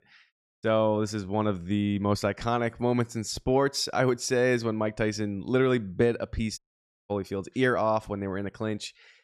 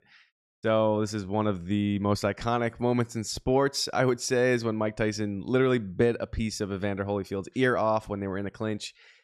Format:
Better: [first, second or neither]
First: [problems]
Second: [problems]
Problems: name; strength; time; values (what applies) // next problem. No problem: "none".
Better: second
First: audio cutting out; at 6.5 s for 0.5 s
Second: none